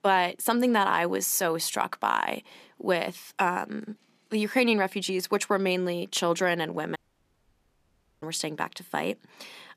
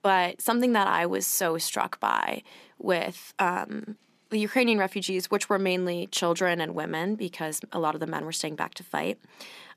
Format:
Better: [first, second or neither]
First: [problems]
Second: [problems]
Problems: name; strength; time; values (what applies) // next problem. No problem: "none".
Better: second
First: audio cutting out; at 7 s for 1.5 s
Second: none